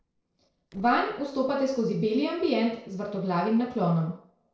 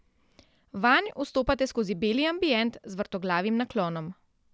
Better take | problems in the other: second | noise reduction (neural separator model SepFormer DNS4)

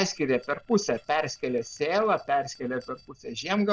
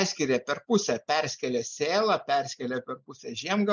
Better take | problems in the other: second | noise reduction (neural separator model SepFormer DNS4)

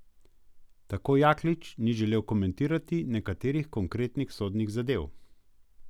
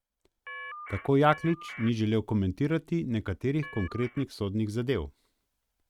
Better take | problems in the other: first | noise reduction (neural mask model RNNoise)

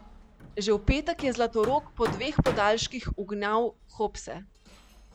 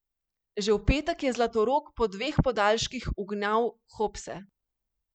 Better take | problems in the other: second | background sound (Hammer); 13 dB below the speech

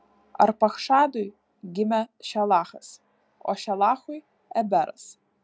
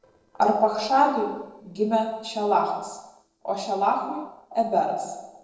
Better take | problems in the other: first | noise reduction (neural separator model SepFormer DNS4)

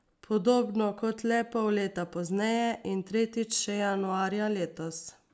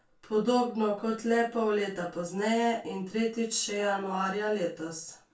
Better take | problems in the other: first | room echo; dies away in 0.2 s

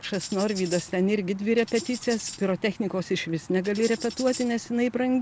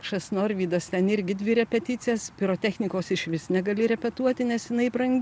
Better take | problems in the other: second | background sound (Tambourine); 15 dB below the speech

